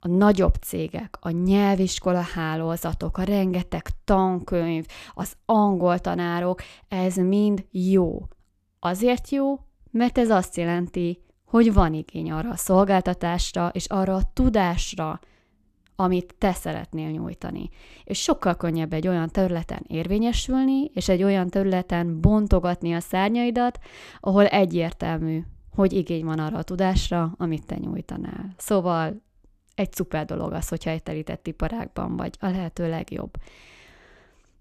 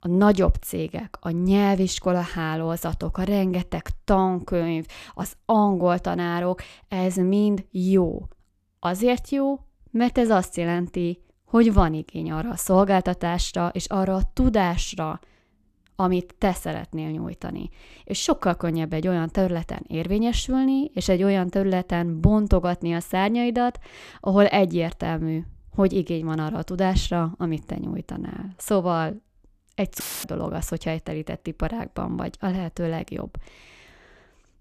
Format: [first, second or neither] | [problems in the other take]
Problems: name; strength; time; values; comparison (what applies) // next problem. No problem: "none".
first | audio cutting out; filled with static; at 30 s